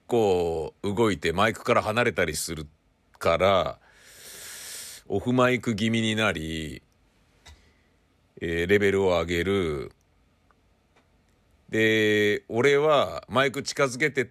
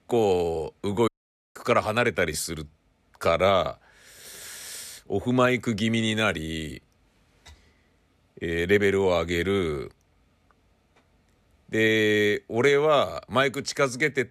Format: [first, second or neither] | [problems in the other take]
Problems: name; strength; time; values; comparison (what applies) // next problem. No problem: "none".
first | audio cutting out; at 1 s